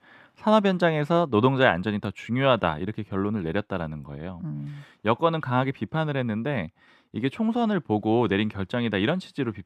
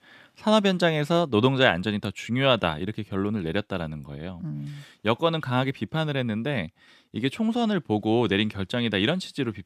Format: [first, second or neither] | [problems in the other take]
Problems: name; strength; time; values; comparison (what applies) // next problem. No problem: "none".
second | muffled; slightly; fading above 3 kHz